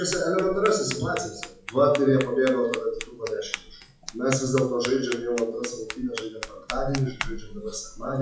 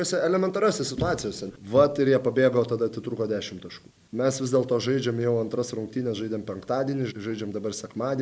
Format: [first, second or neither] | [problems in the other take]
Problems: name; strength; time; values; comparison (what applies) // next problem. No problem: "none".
second | noise reduction (classical method WPE with log-MMSE)